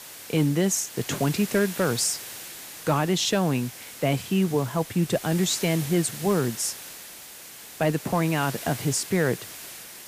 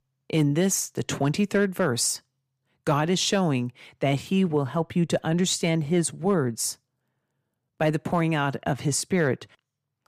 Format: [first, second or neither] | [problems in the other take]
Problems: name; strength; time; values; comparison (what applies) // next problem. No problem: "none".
second | hiss; noticeable; throughout; 10 dB below the speech